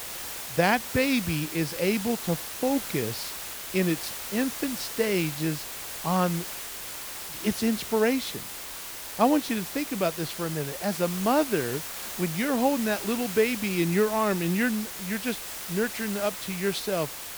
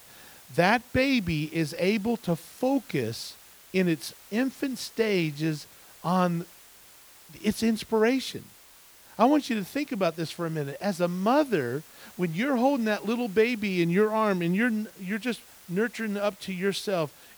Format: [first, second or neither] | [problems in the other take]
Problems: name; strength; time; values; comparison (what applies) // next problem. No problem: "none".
second | hiss; loud; throughout; 6 dB below the speech; faint in the second